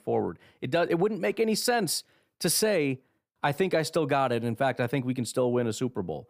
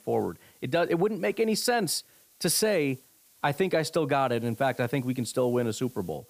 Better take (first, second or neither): first